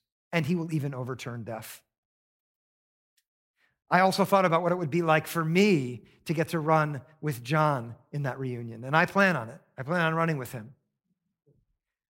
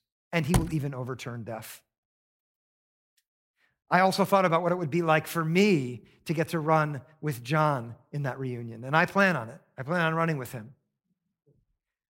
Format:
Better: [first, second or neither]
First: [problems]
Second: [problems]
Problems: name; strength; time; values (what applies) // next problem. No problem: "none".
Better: first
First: none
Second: door banging; noticeable; at 0.5 s; peak 3 dB below the speech